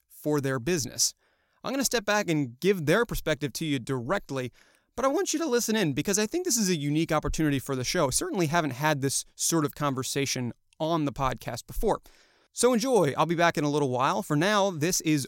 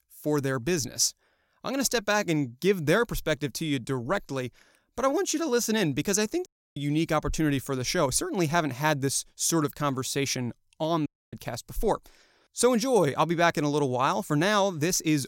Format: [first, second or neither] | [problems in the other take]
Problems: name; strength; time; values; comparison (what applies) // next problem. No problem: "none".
first | audio cutting out; at 6.5 s and at 11 s